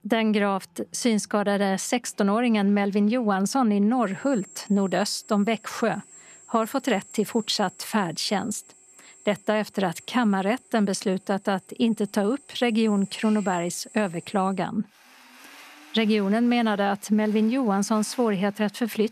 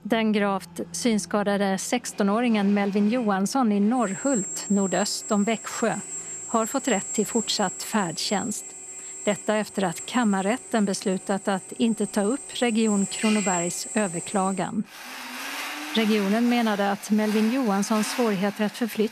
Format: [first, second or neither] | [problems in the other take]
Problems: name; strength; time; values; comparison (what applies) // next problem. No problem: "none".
first | machinery noise; loud; throughout; 9 dB below the speech; faint in the first